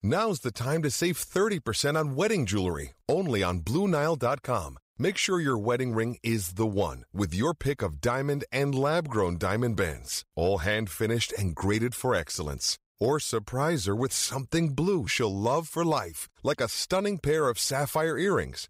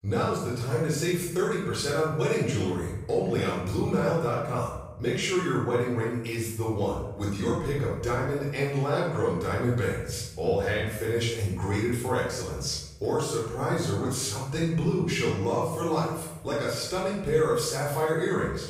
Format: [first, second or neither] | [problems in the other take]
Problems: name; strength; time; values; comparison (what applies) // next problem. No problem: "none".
first | off-mic speech; far // room echo; noticeable; dies away in 0.9 s